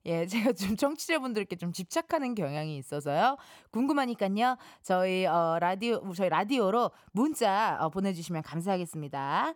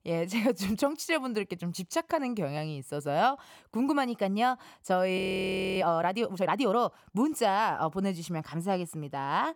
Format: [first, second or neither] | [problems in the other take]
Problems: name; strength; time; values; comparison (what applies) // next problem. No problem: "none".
first | audio freezing; at 5 s for 0.5 s